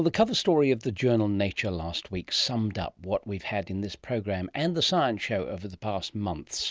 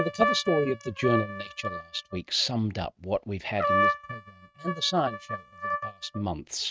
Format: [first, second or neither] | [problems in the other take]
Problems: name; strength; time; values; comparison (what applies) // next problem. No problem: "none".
first | noise reduction (neural mask model RNNoise)